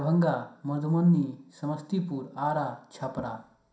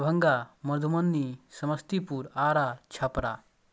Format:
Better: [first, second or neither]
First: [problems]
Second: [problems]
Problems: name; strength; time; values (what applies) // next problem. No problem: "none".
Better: second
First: room echo; dies away in 0.5 s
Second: none